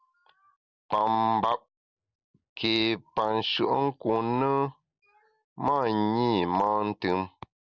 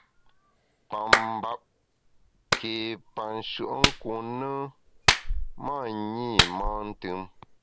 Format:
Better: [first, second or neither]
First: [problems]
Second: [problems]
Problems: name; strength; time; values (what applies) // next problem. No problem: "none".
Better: first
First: none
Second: background sound (Clapping); 4 dB above the speech